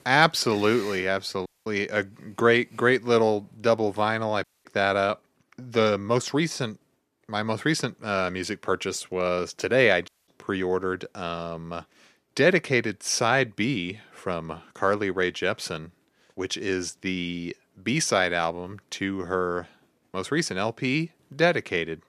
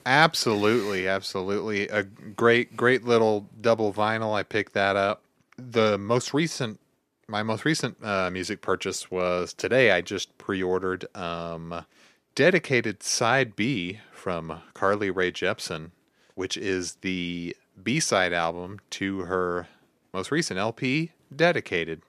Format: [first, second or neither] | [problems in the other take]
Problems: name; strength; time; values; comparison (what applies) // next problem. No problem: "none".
second | audio cutting out; at 1.5 s, at 4.5 s and at 10 s